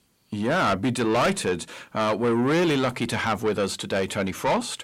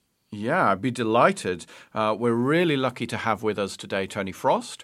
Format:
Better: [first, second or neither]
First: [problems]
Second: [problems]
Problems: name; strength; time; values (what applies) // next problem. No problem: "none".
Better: second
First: distortion; heavy; 6 dB below the speech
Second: none